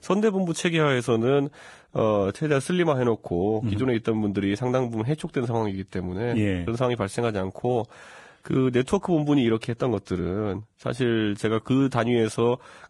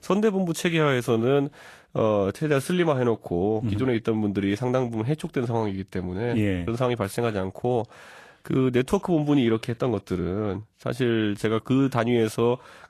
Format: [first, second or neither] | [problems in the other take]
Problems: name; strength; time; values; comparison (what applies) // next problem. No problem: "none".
second | garbled, watery; badly; nothing above 10.5 kHz; slightly in the second